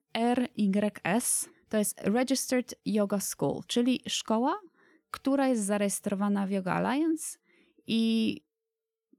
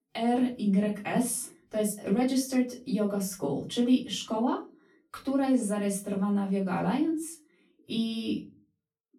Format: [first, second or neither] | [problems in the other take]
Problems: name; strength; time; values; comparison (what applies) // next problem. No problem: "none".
first | room echo; slight; dies away in 0.3 s // off-mic speech; far